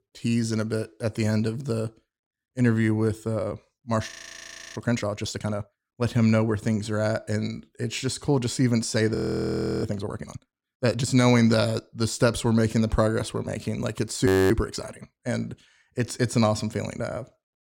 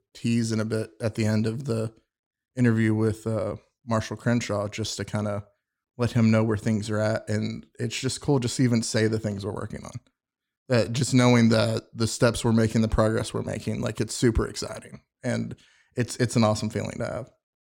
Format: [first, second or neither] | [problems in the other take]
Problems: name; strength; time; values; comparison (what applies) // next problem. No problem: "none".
second | audio freezing; at 4 s for 0.5 s, at 9 s for 0.5 s and at 14 s